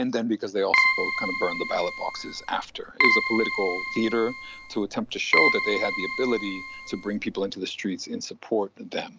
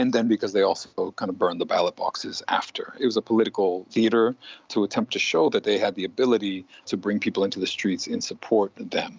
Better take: second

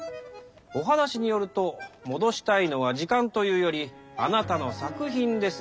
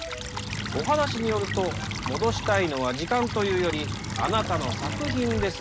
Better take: first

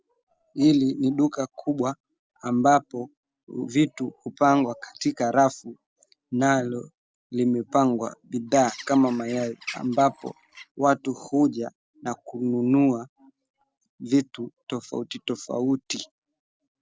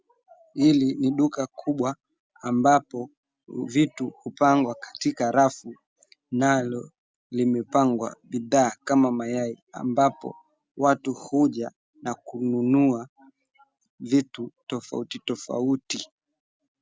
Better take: second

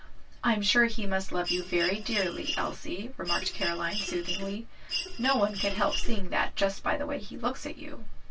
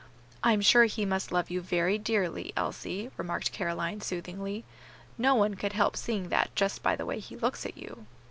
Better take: second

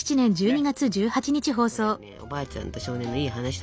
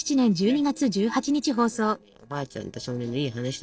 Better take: first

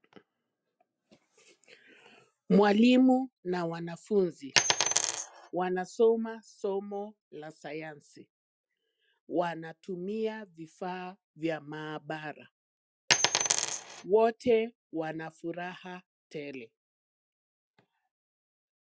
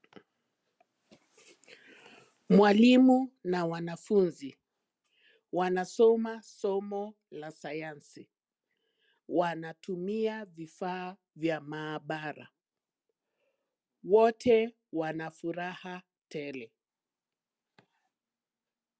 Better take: second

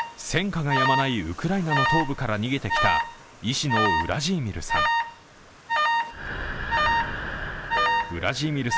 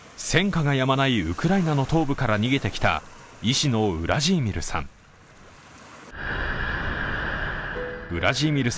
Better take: second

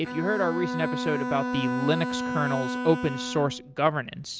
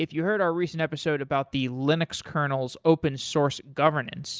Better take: second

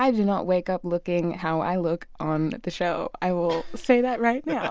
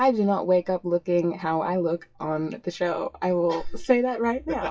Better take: first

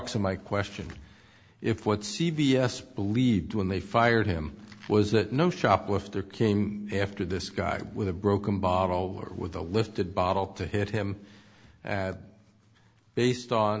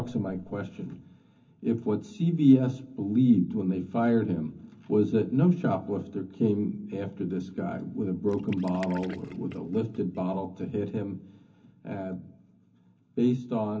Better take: first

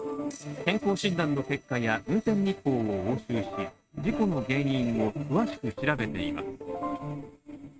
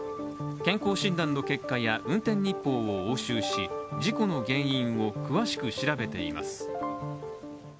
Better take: second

